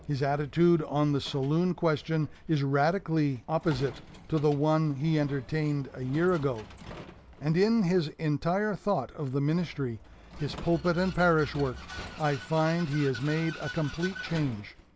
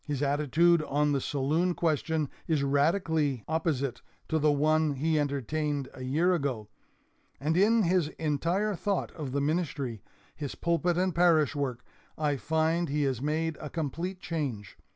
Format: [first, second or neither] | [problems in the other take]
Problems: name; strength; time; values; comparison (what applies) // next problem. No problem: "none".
second | background sound (Vehicle); 17 dB below the speech